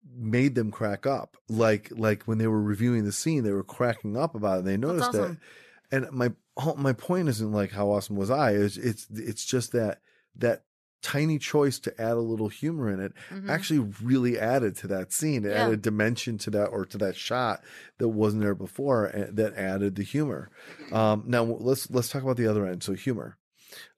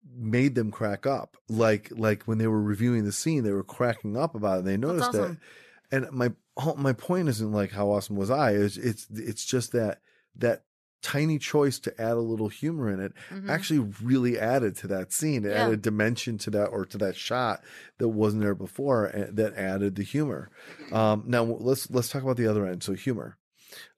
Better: neither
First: none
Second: none

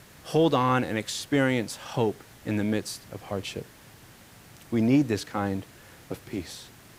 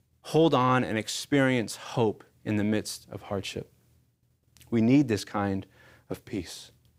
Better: second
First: hiss; faint; throughout; 25 dB below the speech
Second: none

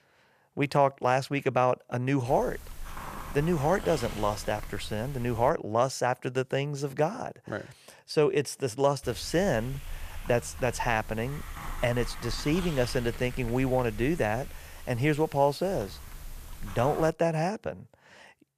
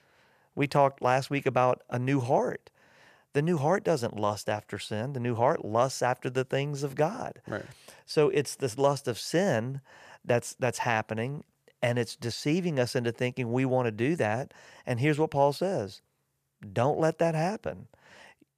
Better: second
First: hiss; noticeable; from 2.5 to 5.5 s and from 9 to 17 s; 15 dB below the speech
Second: none

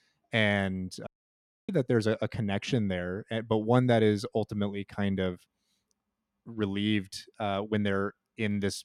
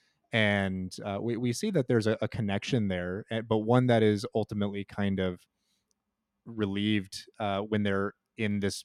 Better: second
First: audio cutting out; at 1 s for 0.5 s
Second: none

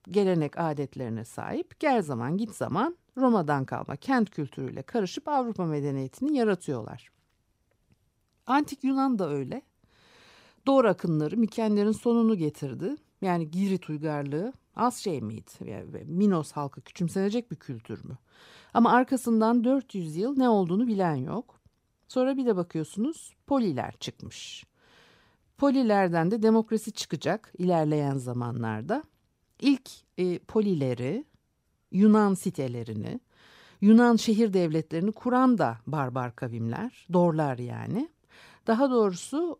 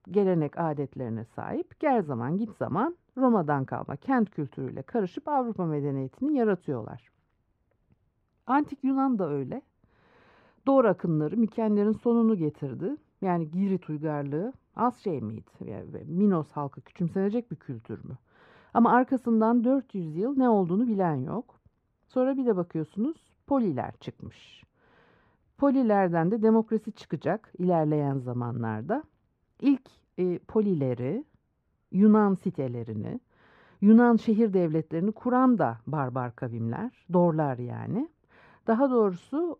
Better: first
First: none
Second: muffled; very; fading above 3.5 kHz

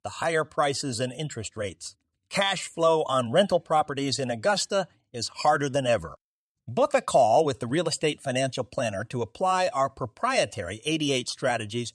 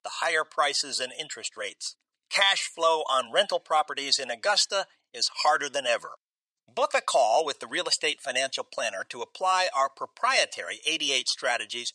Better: first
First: none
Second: thin; very; fading below 550 Hz

